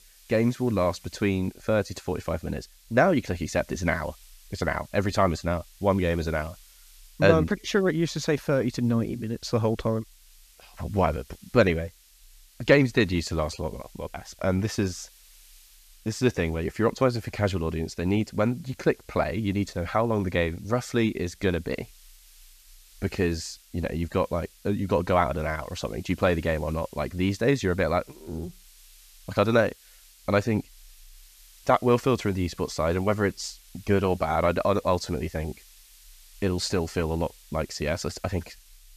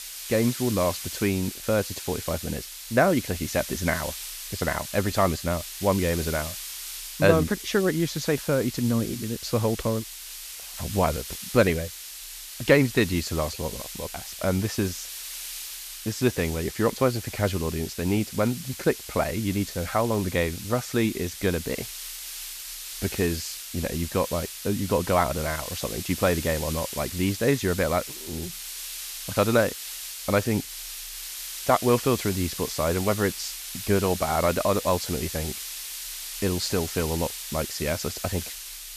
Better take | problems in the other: first | hiss; loud; throughout; 8 dB below the speech; faint in the first

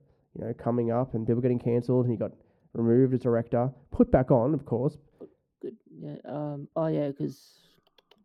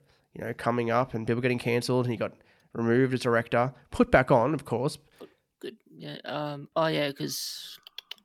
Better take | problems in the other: second | muffled; very; fading above 1 kHz

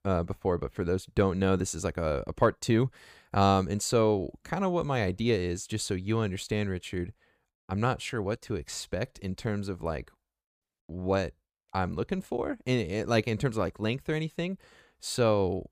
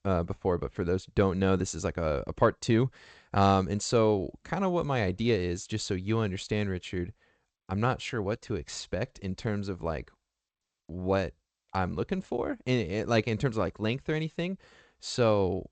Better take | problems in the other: first | garbled, watery; slightly; nothing above 8 kHz

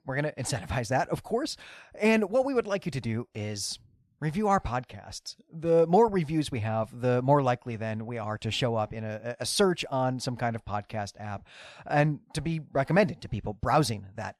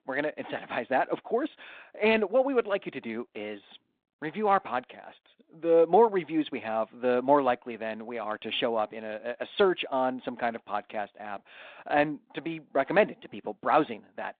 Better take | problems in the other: first | phone-call audio; nothing above 3.5 kHz

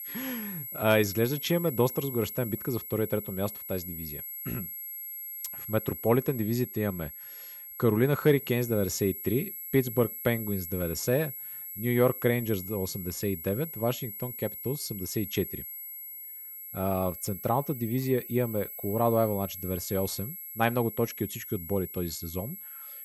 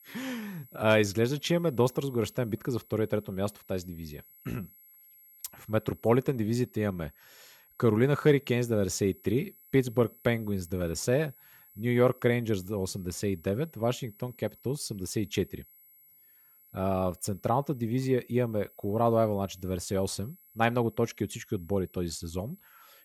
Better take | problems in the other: second | high-pitched whine; loud; throughout; 11.5 kHz, 8 dB below the speech; faint in the second

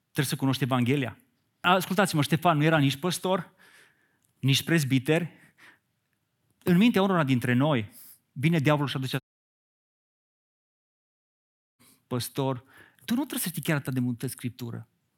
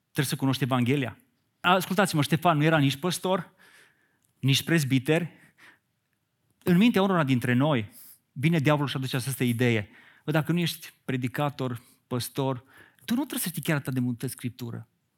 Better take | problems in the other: second | audio cutting out; at 9 s for 2.5 s

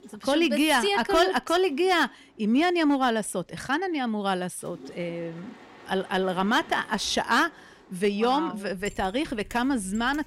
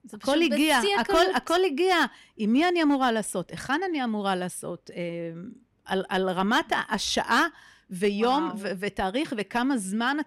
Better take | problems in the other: second | machinery noise; faint; throughout; 25 dB below the speech

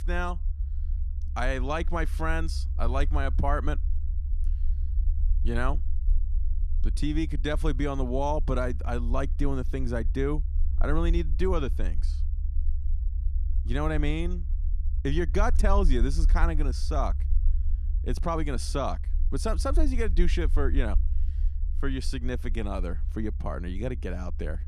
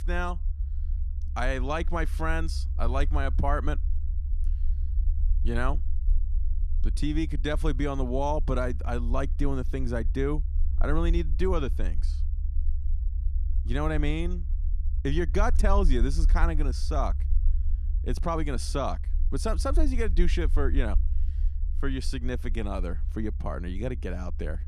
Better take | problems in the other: neither | low rumble; noticeable; throughout; 20 dB below the speech; the same in both

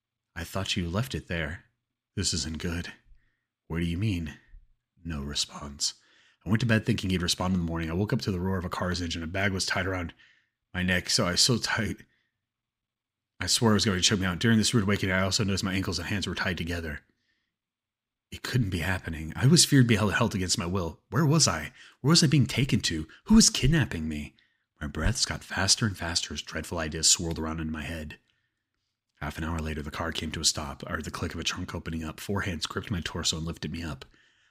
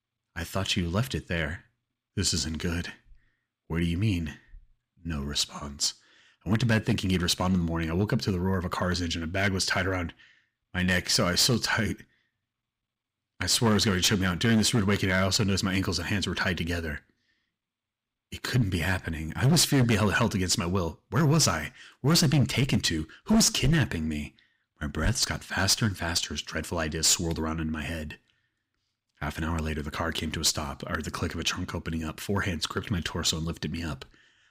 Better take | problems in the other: first | distortion; slight; 3% of the sound clipped

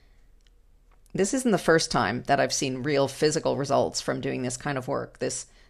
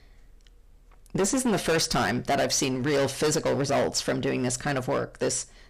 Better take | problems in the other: first | distortion; heavy; 14% of the sound clipped

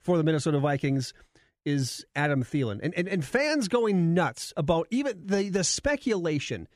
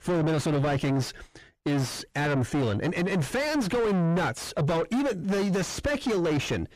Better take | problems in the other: first | distortion; heavy; 5 dB below the speech

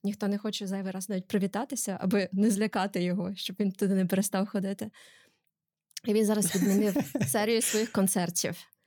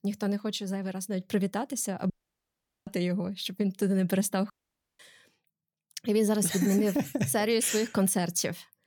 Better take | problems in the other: first | audio cutting out; at 2 s for 1 s and at 4.5 s

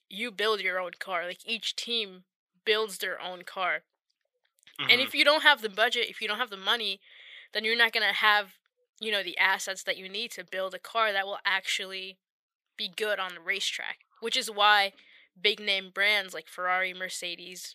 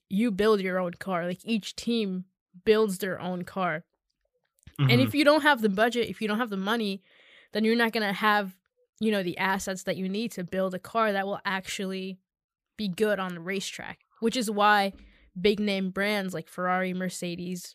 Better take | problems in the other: second | thin; very; fading below 550 Hz

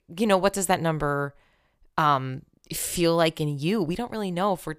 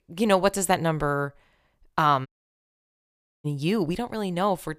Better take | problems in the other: first | audio cutting out; at 2.5 s for 1 s

